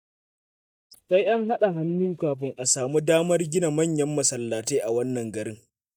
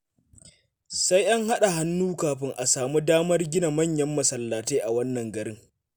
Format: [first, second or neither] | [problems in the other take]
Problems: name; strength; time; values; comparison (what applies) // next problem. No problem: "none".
second | noise reduction (neural mask model DeepFilterNet 3)